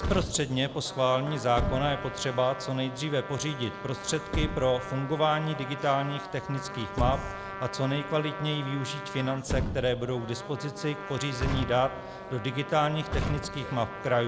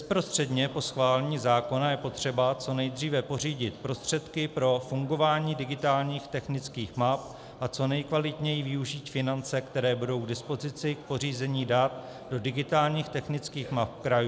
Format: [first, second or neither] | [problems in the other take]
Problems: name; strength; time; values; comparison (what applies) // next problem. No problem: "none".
second | background sound (Truck + Trumpet); 6 dB below the speech